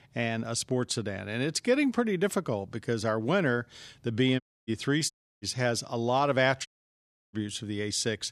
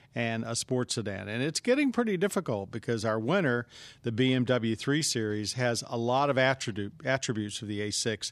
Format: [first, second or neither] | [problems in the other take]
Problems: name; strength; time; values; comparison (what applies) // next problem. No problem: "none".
second | audio cutting out; at 4.5 s, at 5 s and at 6.5 s for 0.5 s